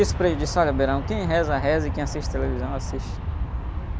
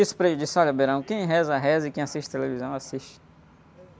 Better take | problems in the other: second | background sound (Aircraft); 2 dB below the speech

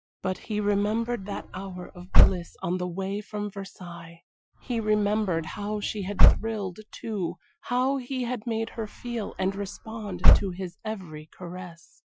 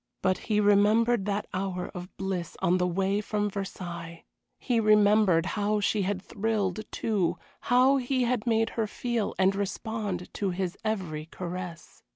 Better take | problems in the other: second | noise reduction (classical method Wiener filter)

